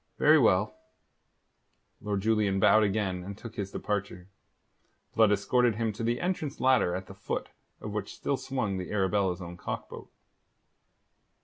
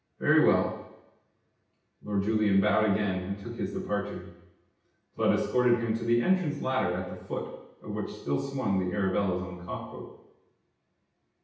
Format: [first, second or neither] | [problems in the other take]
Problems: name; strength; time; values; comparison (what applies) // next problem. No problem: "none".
first | room echo; dies away in 0.9 s